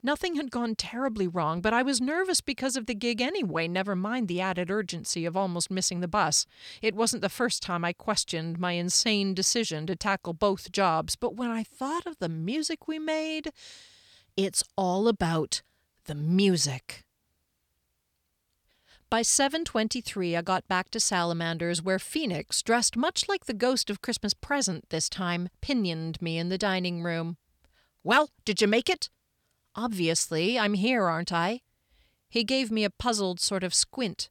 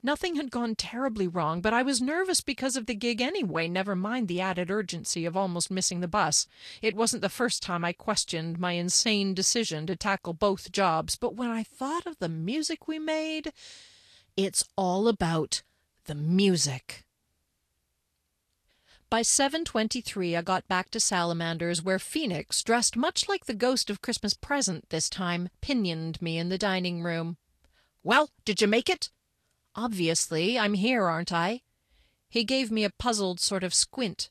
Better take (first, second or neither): first